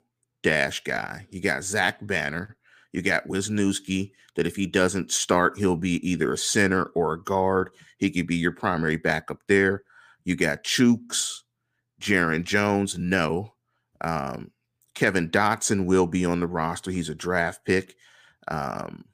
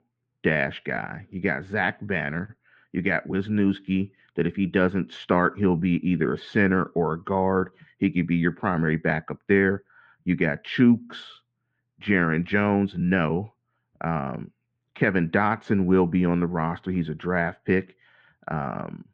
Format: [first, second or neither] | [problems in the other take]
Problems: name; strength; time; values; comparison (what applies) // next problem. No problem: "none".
first | muffled; very; fading above 2.5 kHz